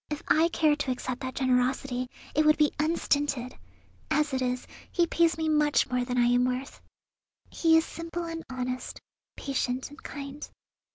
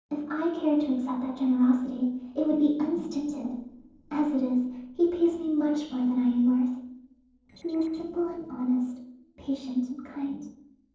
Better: first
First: none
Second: noise reduction (neural separator model SepFormer DNS4)

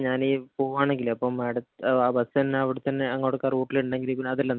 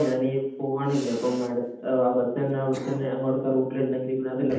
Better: first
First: none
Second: background sound (Cough); 20 dB below the speech // room echo; dies away in 0.8 s

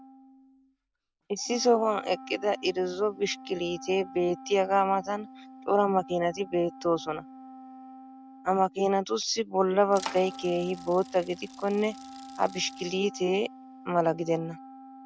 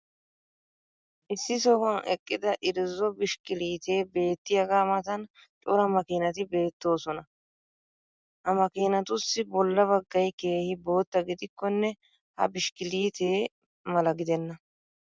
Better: second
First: background sound (Bicycle + Wind instrument, woodwind instrument); 17 dB below the speech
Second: none

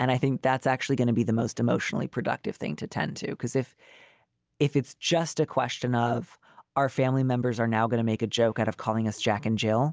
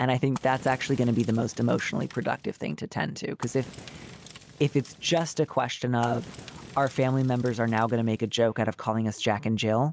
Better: first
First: none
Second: background sound (Fire); 19 dB below the speech

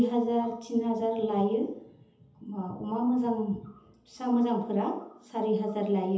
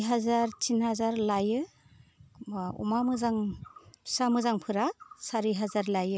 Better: second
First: room echo; dies away in 0.8 s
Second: none

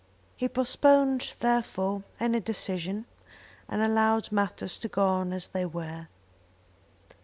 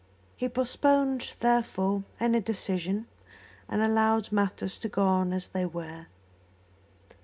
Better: first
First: none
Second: room echo; dies away in 0.3 s

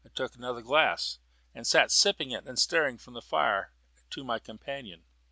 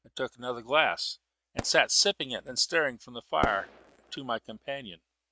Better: first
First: none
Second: noise reduction (neural mask model RNNoise)

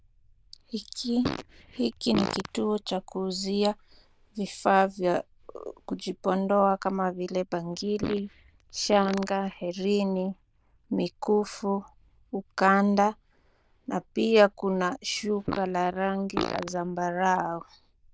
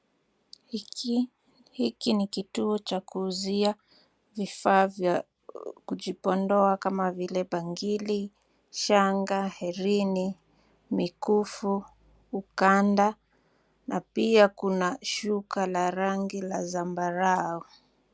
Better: second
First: noise reduction (neural diffusion model UNIVERSE++)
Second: none

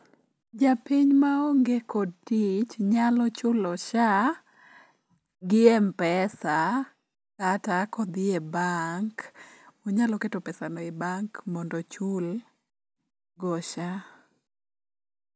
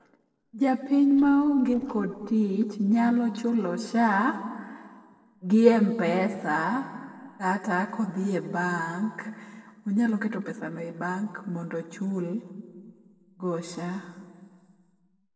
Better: first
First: none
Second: noise reduction (neural separator model SepFormer DNS4)

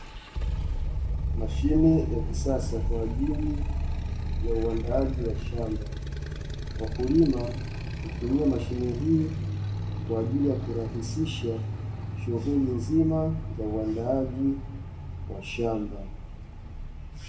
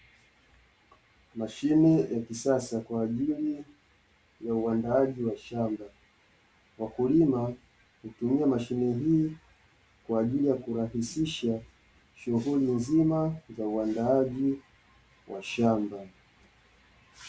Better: second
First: background sound (Motorcycle); 1 dB below the speech // room echo; dies away in 1.1 s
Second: none

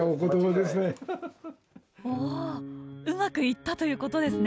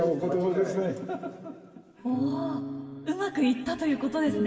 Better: first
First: none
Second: room echo; dies away in 2.3 s

